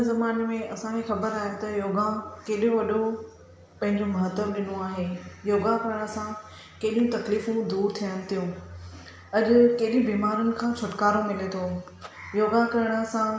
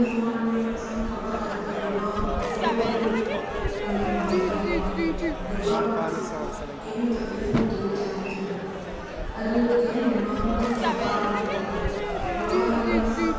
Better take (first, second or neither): first